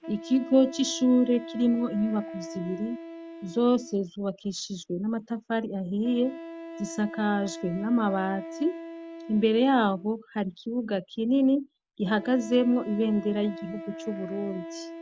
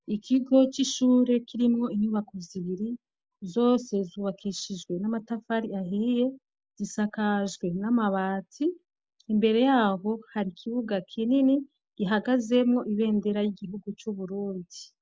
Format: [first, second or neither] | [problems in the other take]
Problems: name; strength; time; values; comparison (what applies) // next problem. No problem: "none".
second | background sound (Wind instrument, woodwind instrument); 14 dB below the speech